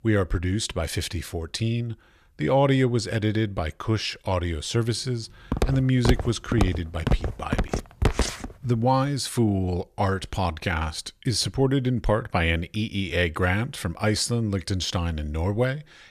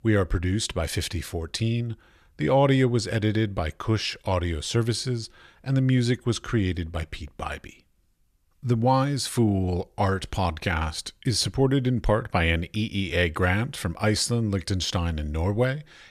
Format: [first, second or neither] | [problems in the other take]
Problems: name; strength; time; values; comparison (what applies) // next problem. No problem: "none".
second | footsteps; loud; from 5.5 to 8.5 s; peak 1 dB above the speech